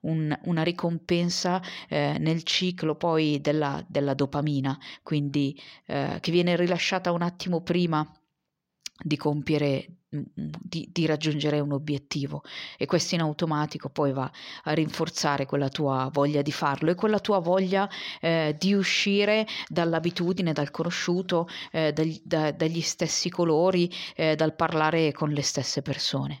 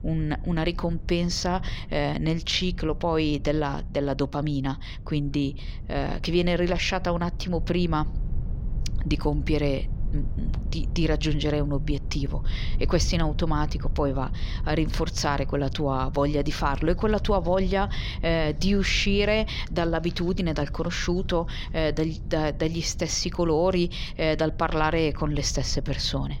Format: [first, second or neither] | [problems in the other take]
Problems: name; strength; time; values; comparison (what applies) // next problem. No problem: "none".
first | low rumble; faint; throughout; 20 dB below the speech